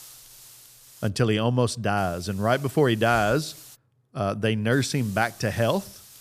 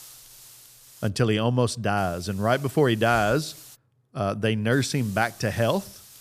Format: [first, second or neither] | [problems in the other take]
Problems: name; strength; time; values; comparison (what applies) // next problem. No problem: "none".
neither | hiss; faint; until 1 s, from 2 to 4 s and from 4.5 s on; 20 dB below the speech; the same in both